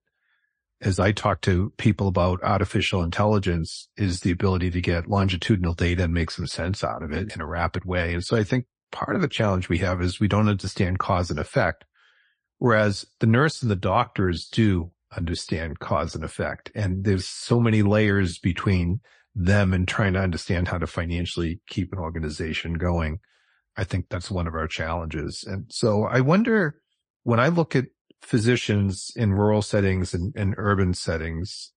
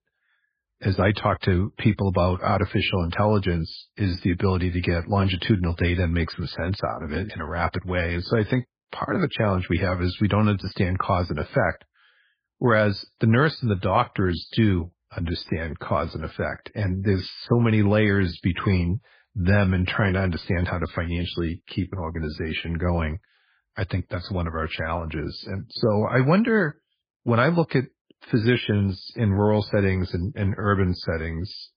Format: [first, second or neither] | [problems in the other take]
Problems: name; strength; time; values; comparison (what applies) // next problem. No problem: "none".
first | garbled, watery; badly; nothing above 4.5 kHz; slightly in the first